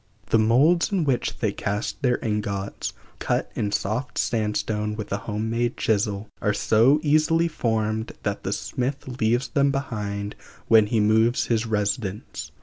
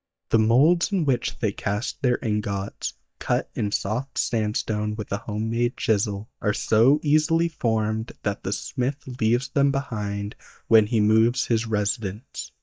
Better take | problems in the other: first | noise reduction (neural mask model DeepFilterNet 3)

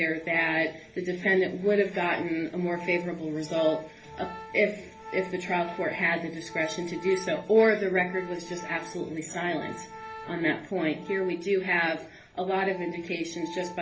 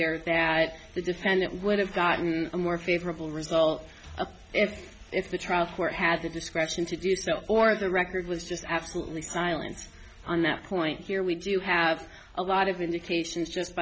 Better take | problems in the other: second | background sound (Organ); 17 dB below the speech // room echo; dies away in 0.3 s

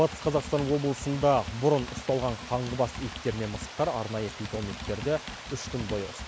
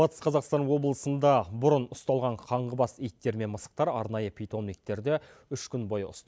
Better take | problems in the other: second | background sound (Water + Computer keyboard); 10 dB below the speech

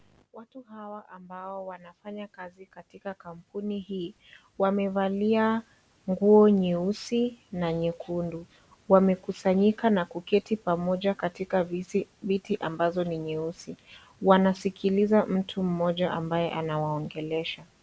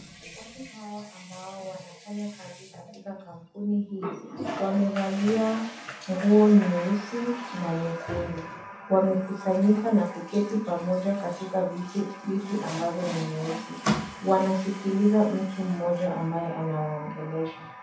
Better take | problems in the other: first | background sound (Water tap, faucet); 12 dB below the speech // room echo; dies away in 0.7 s

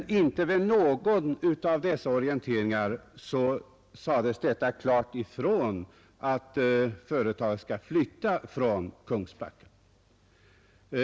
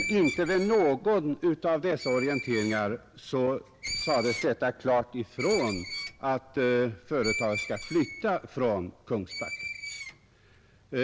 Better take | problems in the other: first | background sound (Screech); 11 dB below the speech

